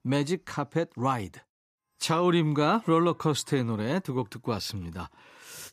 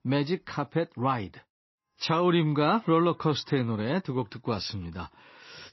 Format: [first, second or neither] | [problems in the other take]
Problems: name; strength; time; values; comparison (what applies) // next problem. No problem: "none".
first | garbled, watery; slightly; nothing above 5.5 kHz